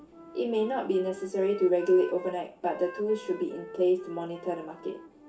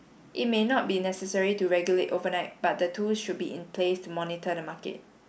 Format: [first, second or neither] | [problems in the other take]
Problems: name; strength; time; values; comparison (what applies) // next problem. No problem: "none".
second | background sound (Wind instrument, woodwind instrument); 17 dB below the speech // room echo; dies away in 0.2 s